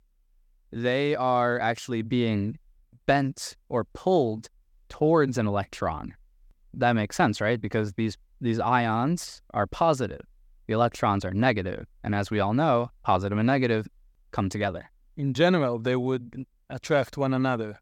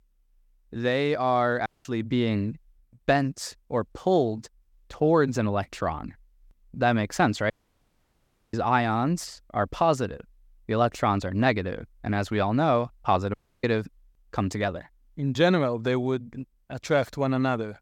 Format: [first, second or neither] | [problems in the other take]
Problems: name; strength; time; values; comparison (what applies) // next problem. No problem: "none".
first | audio cutting out; at 1.5 s, at 7.5 s for 1 s and at 13 s